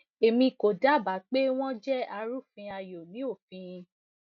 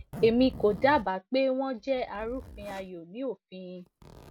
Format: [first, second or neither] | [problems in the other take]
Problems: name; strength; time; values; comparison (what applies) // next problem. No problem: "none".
first | background sound (Zipper (clothing)); 17 dB below the speech